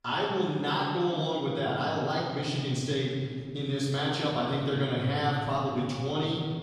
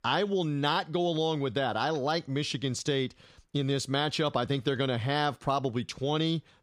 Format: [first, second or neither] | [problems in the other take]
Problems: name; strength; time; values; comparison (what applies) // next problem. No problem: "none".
second | off-mic speech; far // room echo; noticeable; dies away in 2 s